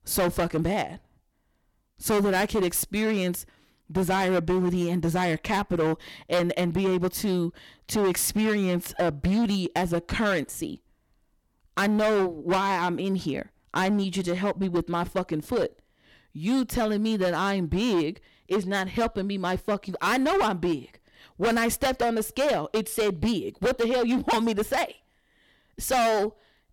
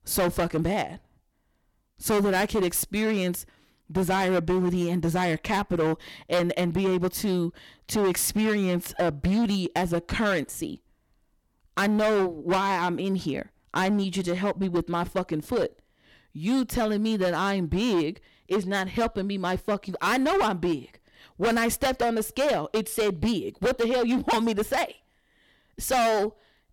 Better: neither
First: distortion; heavy; 14% of the sound clipped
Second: distortion; heavy; 14% of the sound clipped

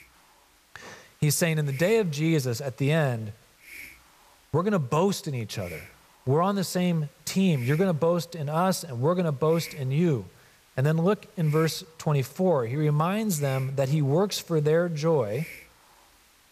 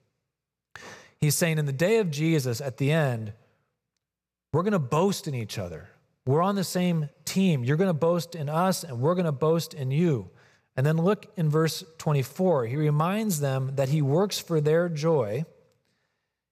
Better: second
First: hiss; faint; throughout; 20 dB below the speech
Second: none

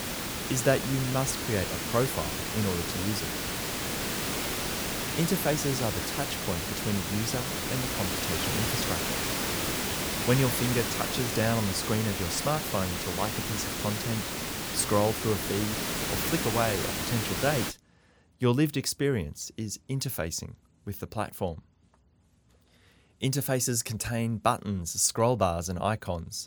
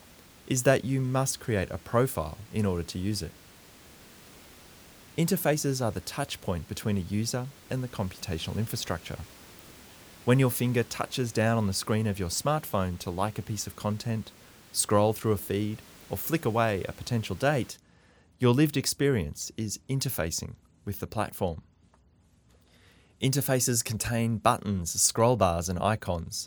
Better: second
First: hiss; loud; until 18 s; 1 dB below the speech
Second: hiss; faint; until 18 s; 25 dB below the speech

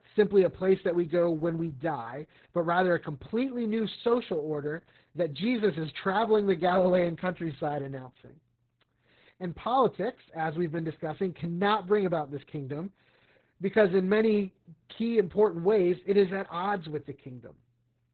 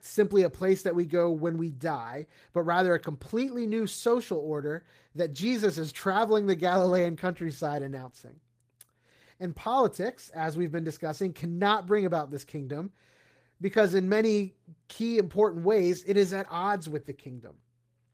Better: second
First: garbled, watery; badly; nothing above 4 kHz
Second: garbled, watery; slightly; nothing above 15 kHz

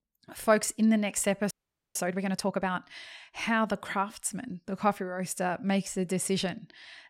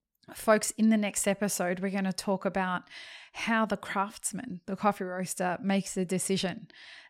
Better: second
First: audio freezing; at 1.5 s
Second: none

